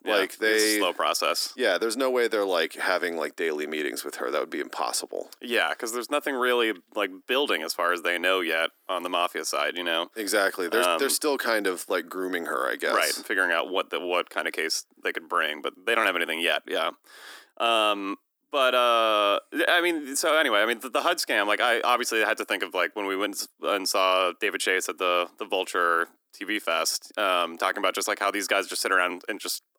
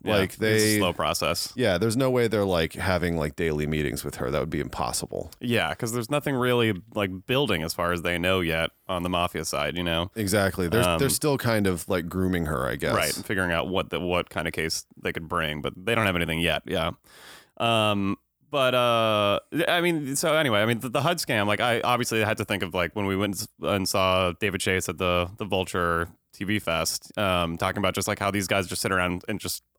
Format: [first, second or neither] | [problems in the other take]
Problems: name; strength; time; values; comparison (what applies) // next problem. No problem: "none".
second | thin; somewhat; fading below 300 Hz